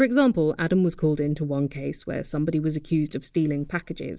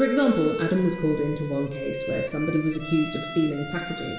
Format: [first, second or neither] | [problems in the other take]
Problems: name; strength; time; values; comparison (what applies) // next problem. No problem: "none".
first | background sound (Bowed string instrument); 9 dB below the speech // room echo; dies away in 1.3 s